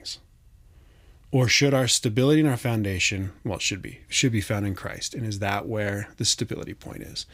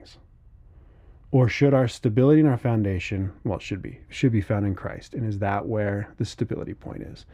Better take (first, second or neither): first